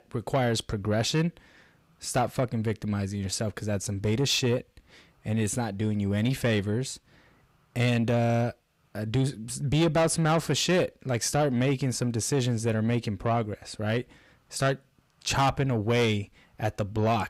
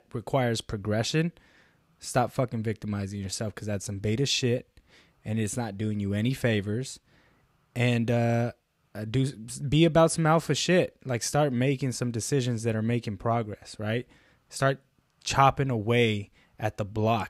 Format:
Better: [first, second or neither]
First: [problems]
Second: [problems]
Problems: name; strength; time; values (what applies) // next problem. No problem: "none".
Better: second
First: distortion; slight; 10 dB below the speech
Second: none